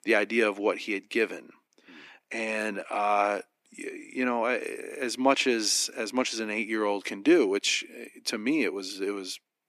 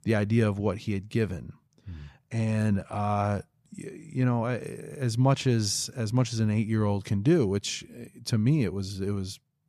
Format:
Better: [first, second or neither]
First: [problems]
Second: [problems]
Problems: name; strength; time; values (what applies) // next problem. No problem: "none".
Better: second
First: thin; somewhat; fading below 300 Hz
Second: none